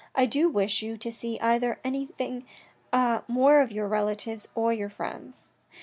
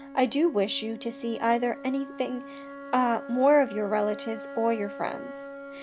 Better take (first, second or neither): first